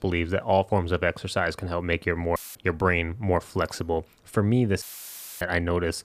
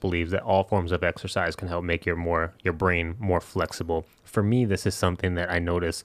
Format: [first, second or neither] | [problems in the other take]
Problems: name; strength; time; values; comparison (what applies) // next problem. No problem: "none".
second | audio cutting out; filled with static; at 2.5 s and at 5 s for 0.5 s